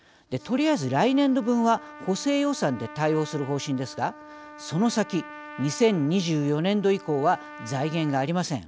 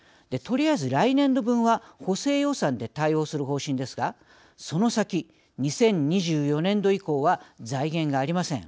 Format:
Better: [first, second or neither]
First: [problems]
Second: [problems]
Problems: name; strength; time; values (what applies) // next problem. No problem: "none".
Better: second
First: background sound (Trumpet); 18 dB below the speech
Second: none